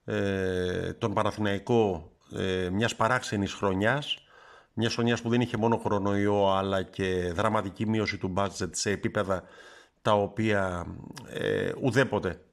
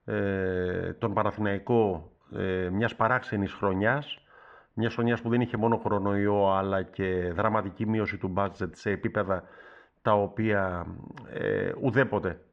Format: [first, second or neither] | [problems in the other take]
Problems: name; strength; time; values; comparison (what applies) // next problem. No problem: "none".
first | muffled; very; fading above 2 kHz